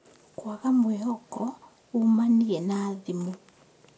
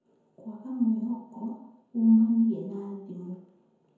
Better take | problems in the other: first | room echo; dies away in 0.9 s

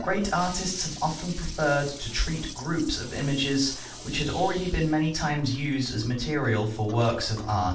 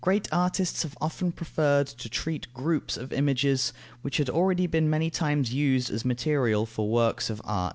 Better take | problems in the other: second | background sound (Toilet flush); 16 dB below the speech // room echo; dies away in 0.4 s

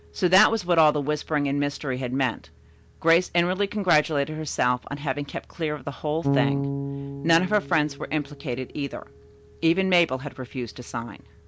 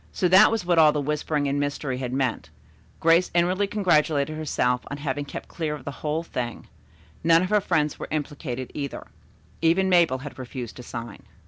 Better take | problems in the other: second | background sound (Bass guitar); 10 dB below the speech

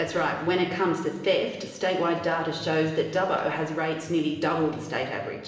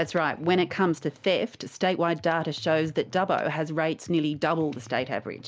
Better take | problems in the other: second | room echo; dies away in 1.1 s

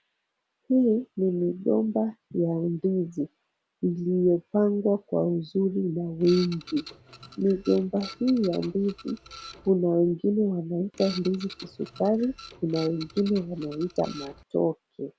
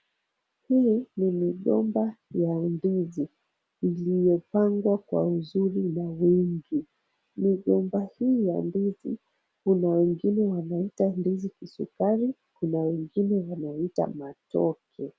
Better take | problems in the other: second | background sound (Printer); 17 dB below the speech

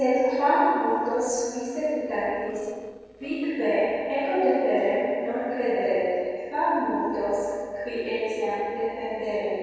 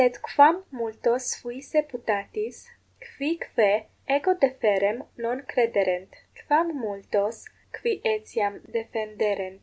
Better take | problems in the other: second | noise reduction (neural separator model SepFormer DNS4)

